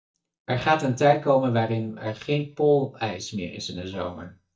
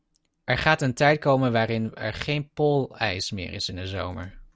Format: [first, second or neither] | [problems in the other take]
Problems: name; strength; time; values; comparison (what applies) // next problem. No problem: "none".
second | noise reduction (neural mask model DeepFilterNet 3)